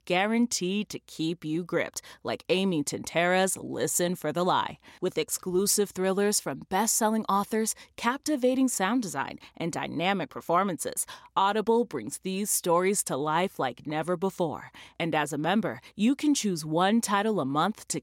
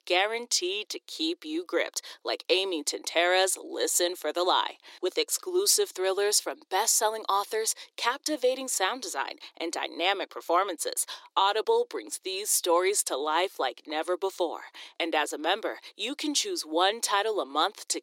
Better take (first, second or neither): first